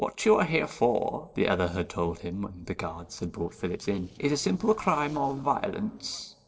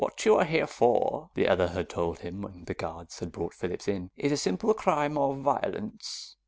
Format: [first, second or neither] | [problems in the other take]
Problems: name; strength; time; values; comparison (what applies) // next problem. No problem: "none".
second | noise reduction (neural separator model SepFormer DNS4)